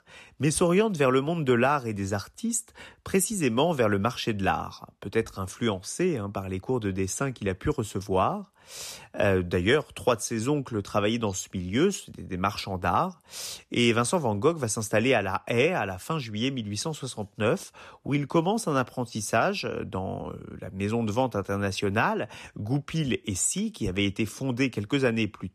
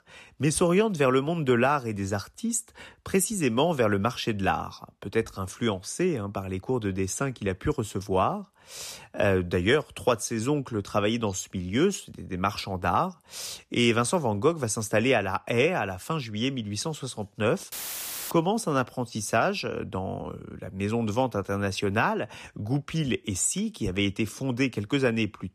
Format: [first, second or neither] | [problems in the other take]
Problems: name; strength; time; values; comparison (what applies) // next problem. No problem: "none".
first | audio cutting out; filled with static; at 18 s for 0.5 s